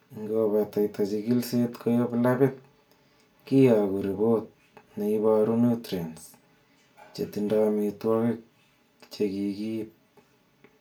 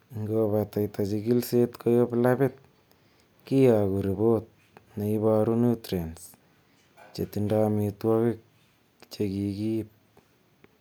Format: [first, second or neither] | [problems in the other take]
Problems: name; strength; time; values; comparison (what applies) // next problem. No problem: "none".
second | room echo; dies away in 0.2 s